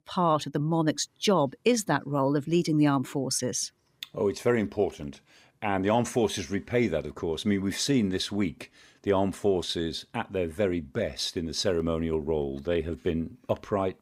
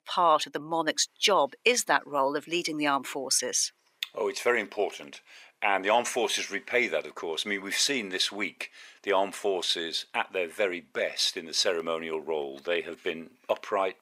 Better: first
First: none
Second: thin; somewhat; fading below 600 Hz

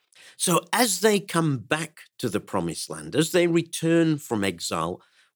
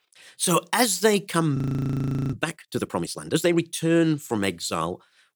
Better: first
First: none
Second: audio freezing; at 1.5 s for 1 s

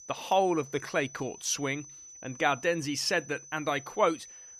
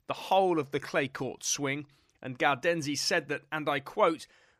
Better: second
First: high-pitched whine; noticeable; throughout; 6 kHz, 15 dB below the speech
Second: none

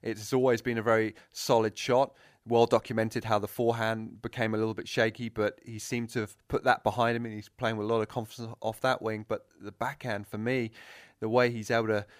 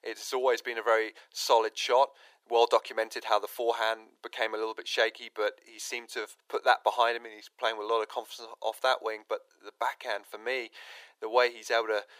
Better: first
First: none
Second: thin; very; fading below 400 Hz

